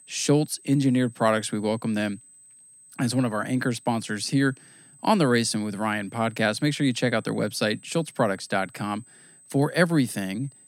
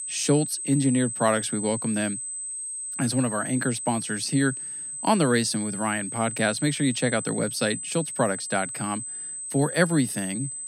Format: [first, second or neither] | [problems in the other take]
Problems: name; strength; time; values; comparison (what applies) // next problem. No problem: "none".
first | high-pitched whine; loud; throughout; 8 kHz, 5 dB below the speech; faint in the first